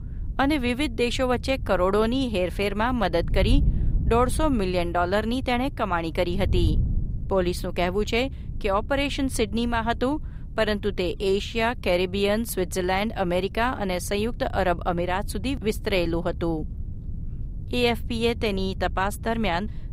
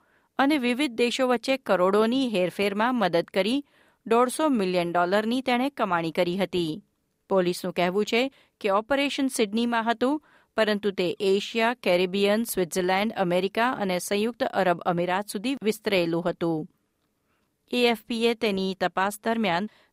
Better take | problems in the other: second | wind noise on the microphone; occasional gusts; 20 dB below the speech

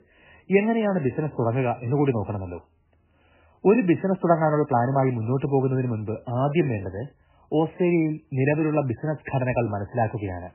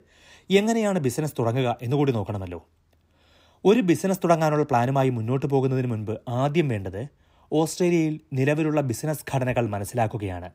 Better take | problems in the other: second | garbled, watery; badly; nothing above 2.5 kHz

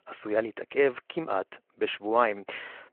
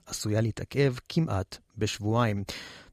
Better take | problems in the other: second | phone-call audio

